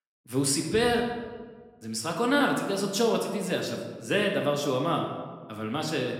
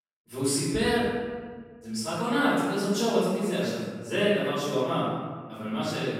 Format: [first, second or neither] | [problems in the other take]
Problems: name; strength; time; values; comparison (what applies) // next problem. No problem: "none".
first | room echo; strong; dies away in 1.5 s; slight in the first // off-mic speech; far; somewhat distant in the first